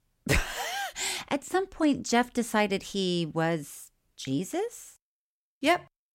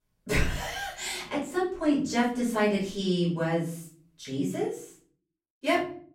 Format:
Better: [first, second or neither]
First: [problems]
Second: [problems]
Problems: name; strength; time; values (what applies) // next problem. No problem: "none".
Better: first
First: none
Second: off-mic speech; far // room echo; slight; dies away in 0.5 s